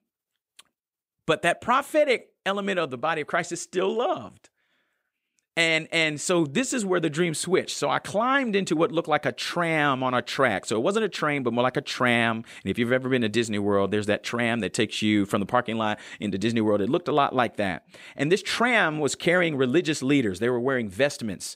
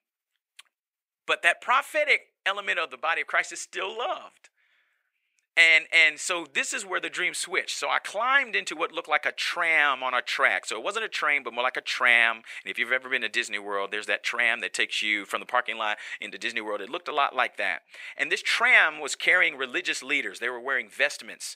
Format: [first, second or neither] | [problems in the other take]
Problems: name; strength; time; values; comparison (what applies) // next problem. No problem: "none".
first | thin; very; fading below 700 Hz